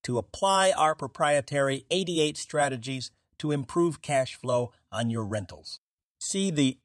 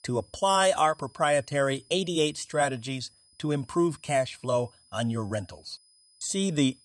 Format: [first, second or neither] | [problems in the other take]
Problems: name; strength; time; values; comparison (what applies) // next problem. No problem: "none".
first | high-pitched whine; faint; throughout; 5 kHz, 30 dB below the speech